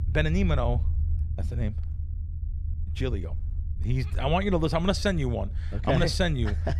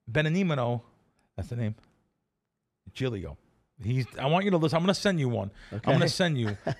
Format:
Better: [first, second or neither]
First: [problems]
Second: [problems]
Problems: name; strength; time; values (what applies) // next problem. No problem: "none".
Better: second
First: low rumble; faint; throughout; 20 dB below the speech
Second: none